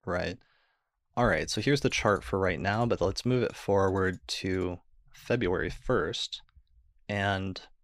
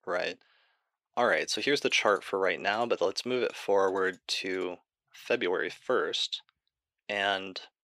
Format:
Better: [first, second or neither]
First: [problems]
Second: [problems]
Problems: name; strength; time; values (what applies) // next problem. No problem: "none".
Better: first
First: none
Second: thin; somewhat; fading below 400 Hz